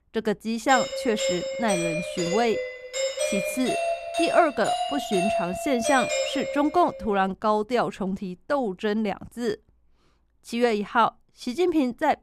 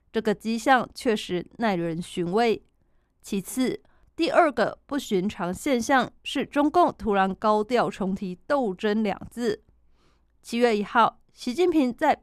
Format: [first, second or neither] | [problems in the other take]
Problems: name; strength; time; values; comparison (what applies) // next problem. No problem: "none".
second | doorbell; loud; from 0.5 to 7 s; peak level with the speech